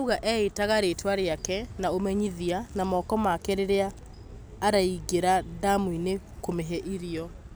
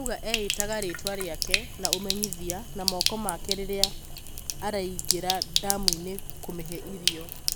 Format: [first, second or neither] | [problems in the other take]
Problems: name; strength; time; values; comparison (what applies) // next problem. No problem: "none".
first | background sound (Sink (filling or washing)); 3 dB above the speech